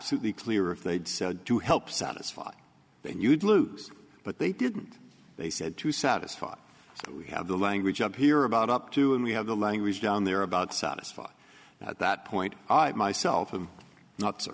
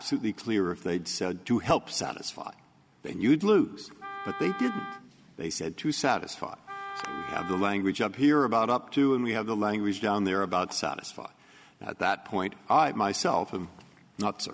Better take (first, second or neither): first